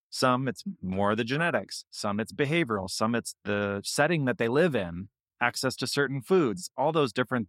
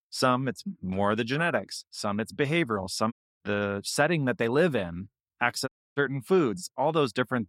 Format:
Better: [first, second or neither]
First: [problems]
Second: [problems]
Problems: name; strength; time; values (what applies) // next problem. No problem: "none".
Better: first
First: none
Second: audio cutting out; at 3 s and at 5.5 s